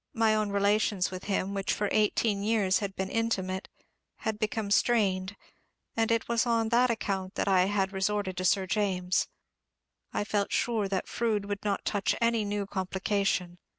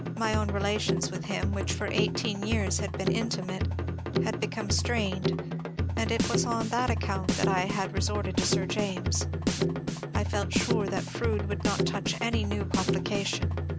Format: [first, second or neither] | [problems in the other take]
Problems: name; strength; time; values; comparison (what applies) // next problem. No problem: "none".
first | background sound (Drum kit); 3 dB above the speech